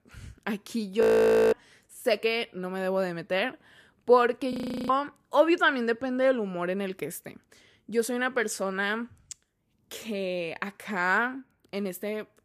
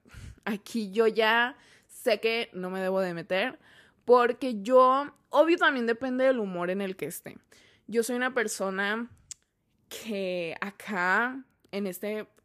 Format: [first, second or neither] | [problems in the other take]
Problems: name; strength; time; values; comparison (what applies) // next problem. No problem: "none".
second | audio freezing; at 1 s for 0.5 s and at 4.5 s